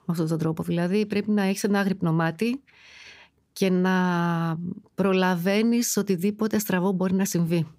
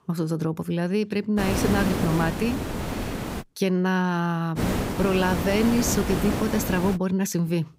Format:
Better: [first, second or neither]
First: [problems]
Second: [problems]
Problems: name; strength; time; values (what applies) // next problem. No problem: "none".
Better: first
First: none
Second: hiss; loud; from 1.5 to 3.5 s and from 4.5 to 7 s; 3 dB below the speech